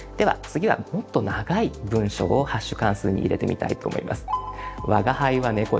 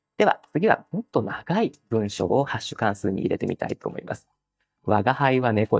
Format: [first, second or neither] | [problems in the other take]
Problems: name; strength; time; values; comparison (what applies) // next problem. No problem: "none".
first | noise reduction (neural mask model DeepFilterNet 3)